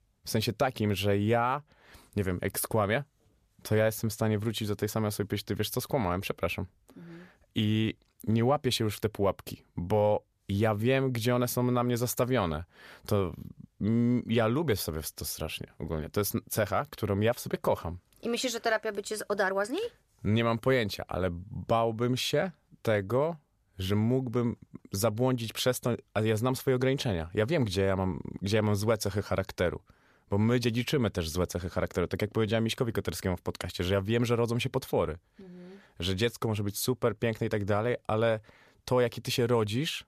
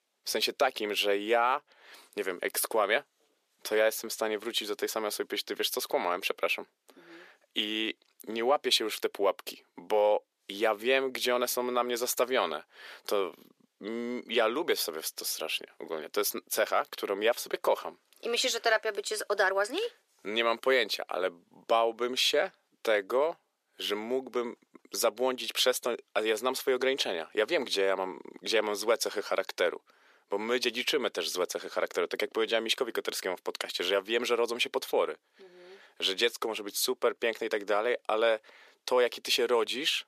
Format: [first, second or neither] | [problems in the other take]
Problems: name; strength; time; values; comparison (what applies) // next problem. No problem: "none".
first | thin; very; fading below 350 Hz